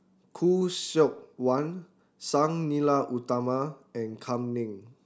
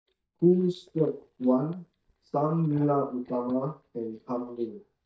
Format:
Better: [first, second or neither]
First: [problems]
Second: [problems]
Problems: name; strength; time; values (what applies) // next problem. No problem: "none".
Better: first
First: none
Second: noise reduction (neural mask model DeepFilterNet 3)